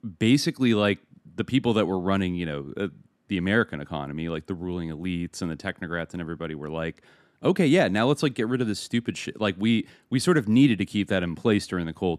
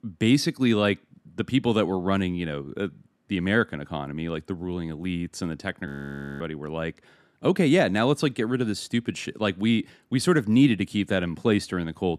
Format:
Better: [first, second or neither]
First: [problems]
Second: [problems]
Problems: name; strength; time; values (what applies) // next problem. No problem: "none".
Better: first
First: none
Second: audio freezing; at 6 s for 0.5 s